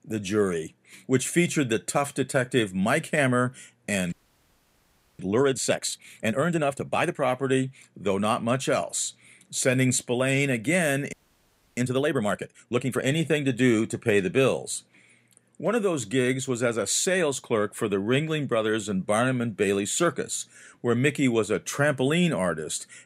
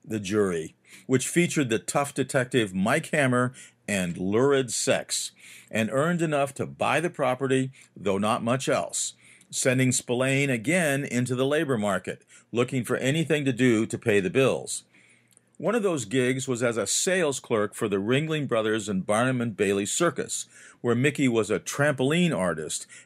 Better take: second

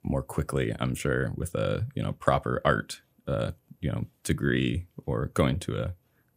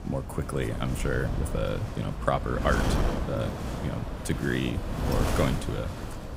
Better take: first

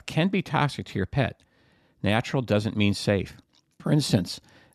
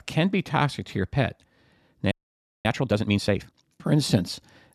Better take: first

